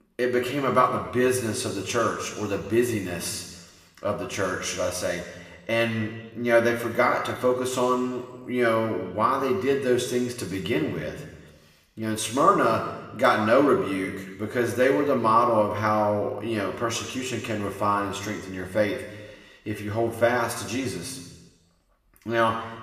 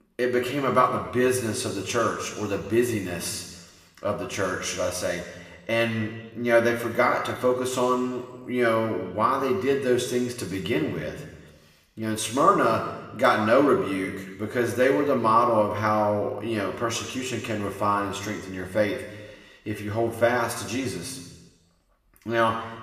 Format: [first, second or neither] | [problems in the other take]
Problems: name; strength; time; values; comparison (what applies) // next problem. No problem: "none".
neither | room echo; slight; dies away in 1.1 s; the same in both // off-mic speech; somewhat distant; the same in both